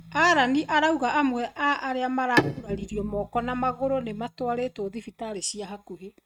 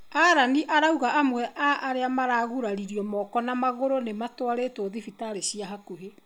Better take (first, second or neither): second